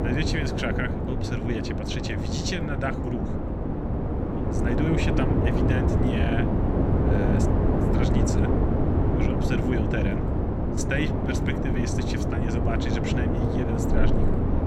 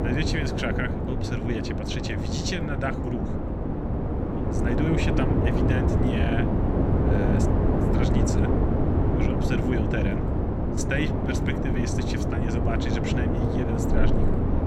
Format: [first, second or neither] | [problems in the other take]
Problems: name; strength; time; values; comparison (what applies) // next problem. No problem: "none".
neither | wind noise on the microphone; heavy; 2 dB above the speech; the same in both